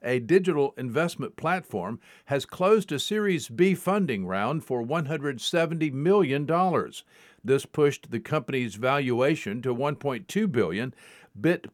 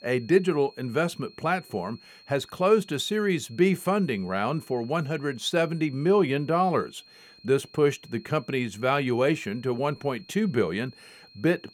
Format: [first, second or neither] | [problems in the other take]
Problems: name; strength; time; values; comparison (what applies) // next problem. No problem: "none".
first | high-pitched whine; faint; throughout; 4.5 kHz, 25 dB below the speech